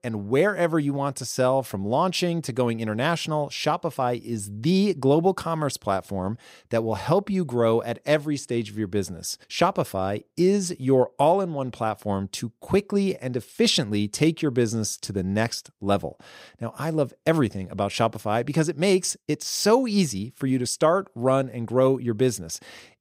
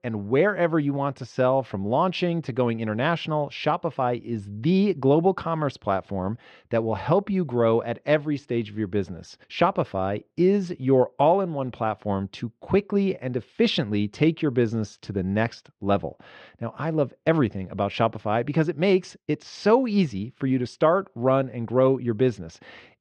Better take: first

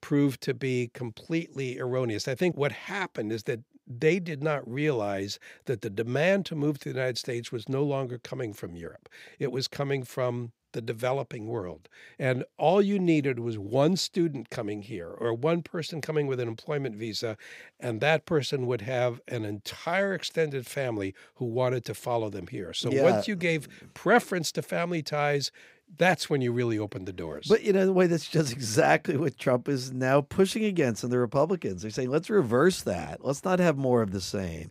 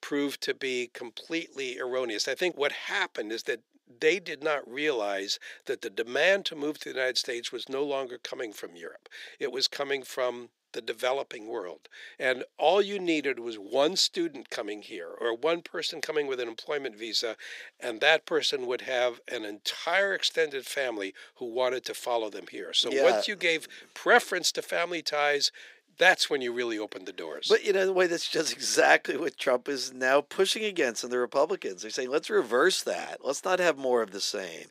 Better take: first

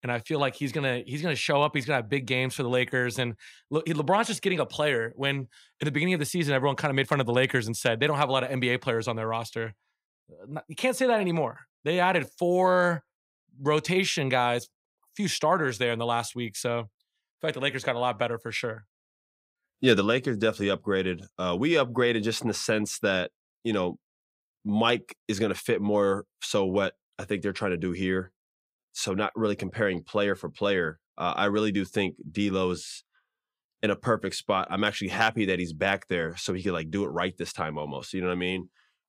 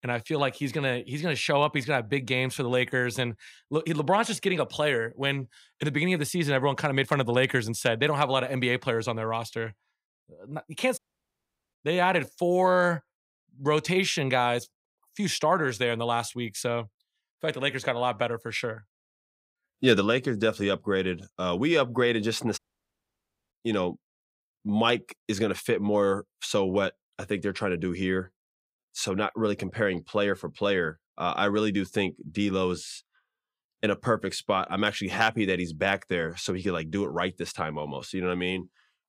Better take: first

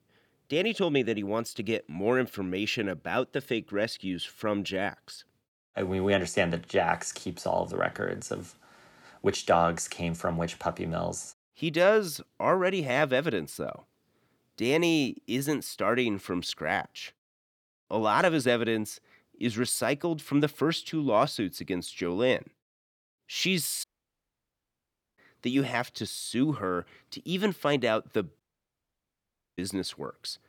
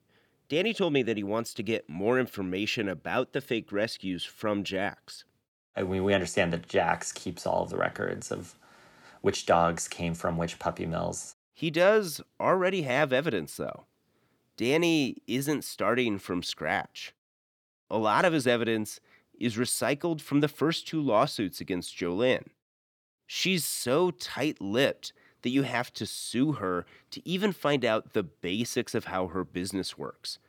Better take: second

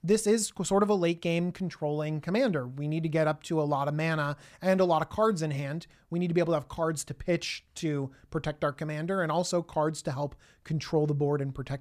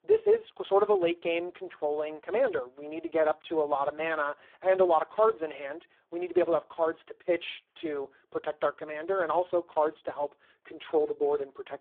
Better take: first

